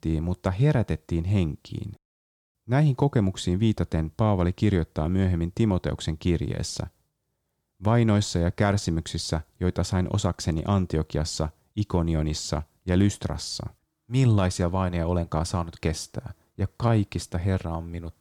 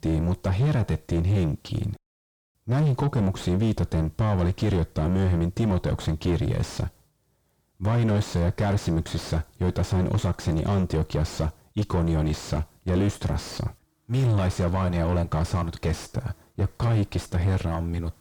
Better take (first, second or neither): first